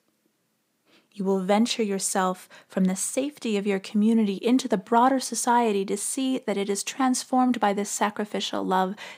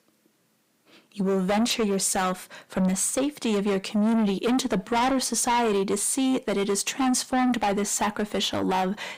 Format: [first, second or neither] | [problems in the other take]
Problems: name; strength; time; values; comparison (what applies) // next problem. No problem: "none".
first | distortion; heavy; 7 dB below the speech